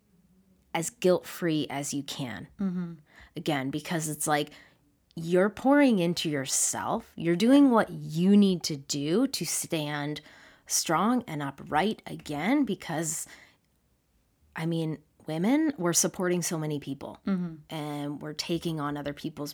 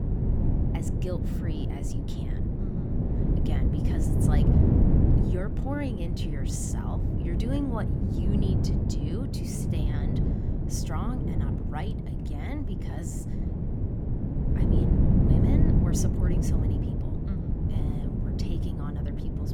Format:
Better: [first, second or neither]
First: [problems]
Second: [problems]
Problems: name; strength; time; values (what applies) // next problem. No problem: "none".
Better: first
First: none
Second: wind noise on the microphone; heavy; 4 dB above the speech